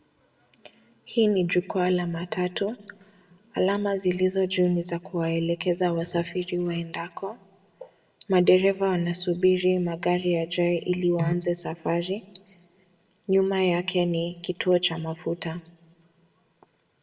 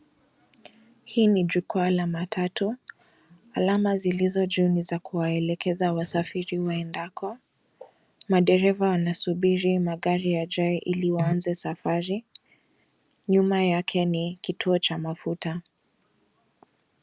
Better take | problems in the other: second | room echo; dies away in 1 s

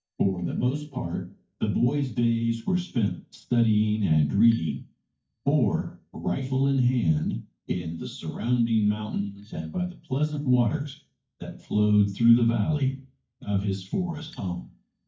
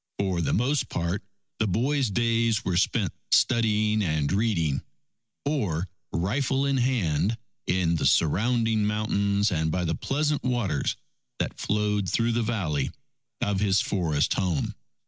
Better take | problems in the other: second | noise reduction (neural mask model DeepFilterNet 3)

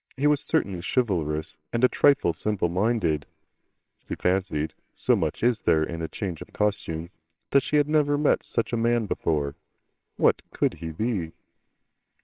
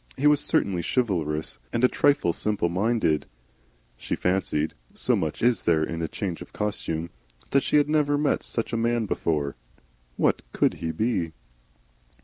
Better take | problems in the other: second | noise reduction (neural separator model SepFormer WHAMR!)

